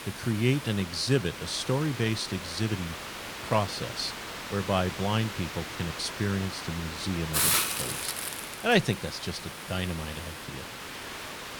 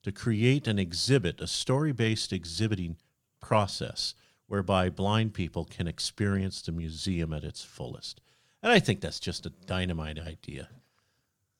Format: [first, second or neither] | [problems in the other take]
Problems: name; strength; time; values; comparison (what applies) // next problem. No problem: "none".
second | hiss; loud; throughout; 3 dB below the speech